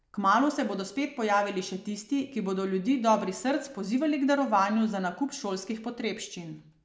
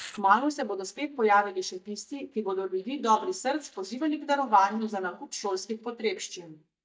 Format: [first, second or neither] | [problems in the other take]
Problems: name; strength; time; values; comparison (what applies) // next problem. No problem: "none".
first | noise reduction (neural mask model DeepFilterNet 3)